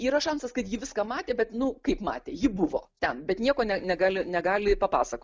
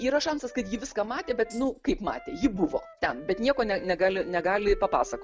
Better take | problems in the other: first | background sound (Tambourine + Wind instrument, woodwind instrument); 18 dB below the speech

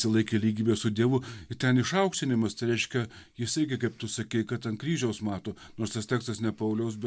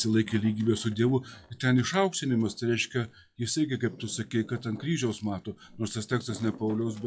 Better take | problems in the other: first | noise reduction (classical method log-MMSE)

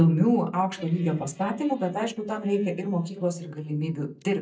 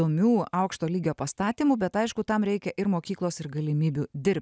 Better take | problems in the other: second | noise reduction (neural mask model DeepFilterNet 3)

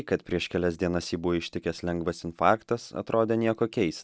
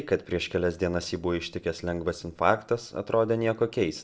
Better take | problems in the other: first | noise reduction (neural separator model SepFormer DNS4)

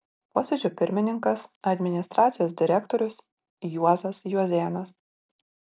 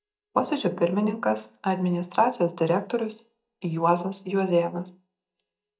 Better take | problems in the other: first | noise reduction (neural mask model DeepFilterNet 3)

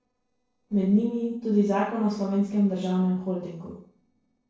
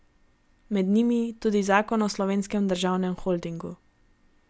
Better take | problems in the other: second | noise reduction (neural separator model SepFormer DNS4)

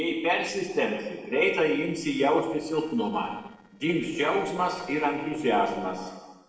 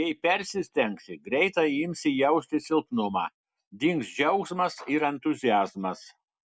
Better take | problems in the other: second | noise reduction (neural separator model SepFormer DNS4)

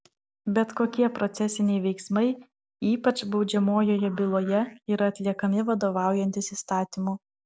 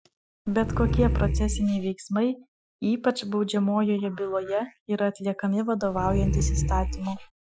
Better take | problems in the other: first | noise reduction (classical method Wiener filter)

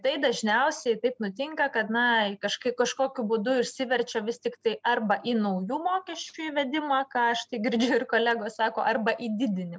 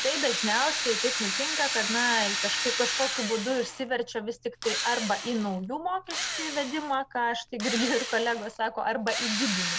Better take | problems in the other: first | background sound (Drill); 2 dB below the speech

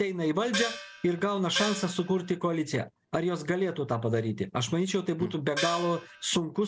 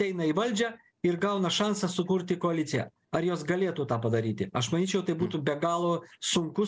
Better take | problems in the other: second | background sound (Gong); 7 dB below the speech

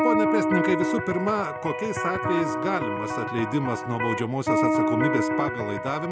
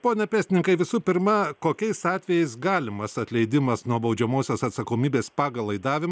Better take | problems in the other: second | background sound (Electric guitar); 2 dB above the speech

